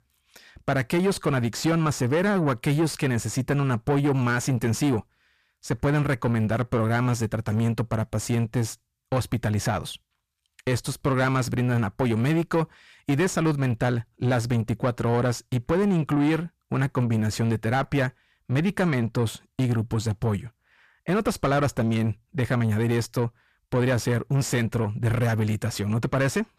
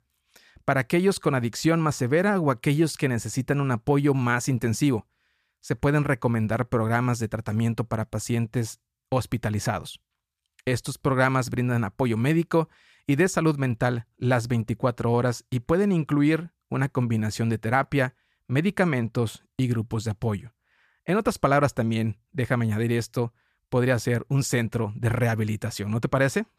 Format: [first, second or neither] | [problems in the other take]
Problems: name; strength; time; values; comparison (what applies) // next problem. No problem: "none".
second | distortion; slight; 10 dB below the speech